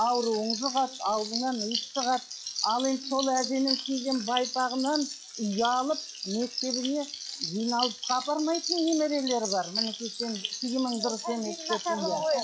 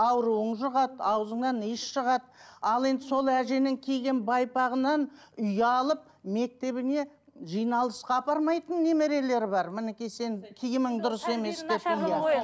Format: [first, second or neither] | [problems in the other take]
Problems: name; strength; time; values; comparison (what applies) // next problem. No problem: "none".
second | noise reduction (classical method log-MMSE)